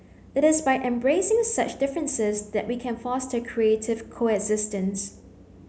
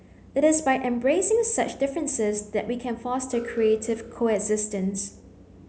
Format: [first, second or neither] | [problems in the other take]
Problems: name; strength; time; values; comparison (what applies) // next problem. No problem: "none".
first | background sound (Alarm); 17 dB below the speech